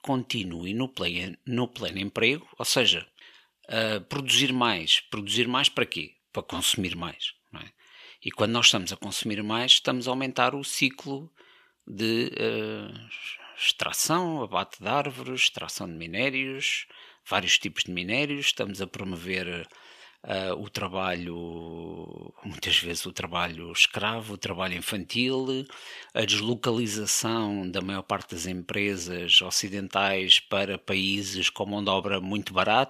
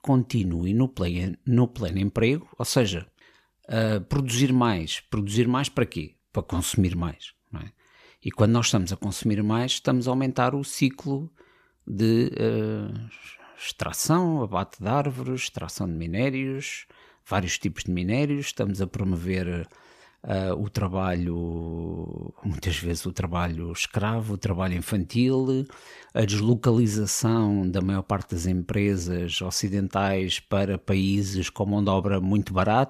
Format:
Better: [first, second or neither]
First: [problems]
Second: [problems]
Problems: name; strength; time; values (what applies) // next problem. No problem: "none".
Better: second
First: thin; somewhat; fading below 1 kHz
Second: none